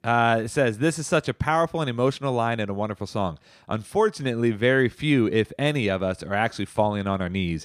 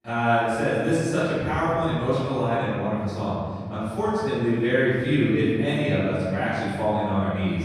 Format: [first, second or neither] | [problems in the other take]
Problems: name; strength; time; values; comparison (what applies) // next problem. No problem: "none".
first | off-mic speech; far // room echo; strong; dies away in 2.2 s